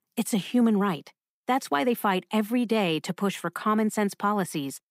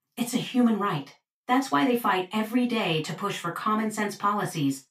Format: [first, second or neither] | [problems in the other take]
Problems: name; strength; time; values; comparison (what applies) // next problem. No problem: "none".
first | room echo; very slight; dies away in 0.2 s // off-mic speech; far